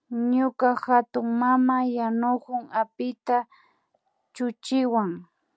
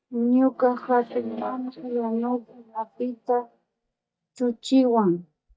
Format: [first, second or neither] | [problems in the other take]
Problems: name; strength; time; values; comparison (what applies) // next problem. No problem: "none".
first | noise reduction (neural mask model DeepFilterNet 3)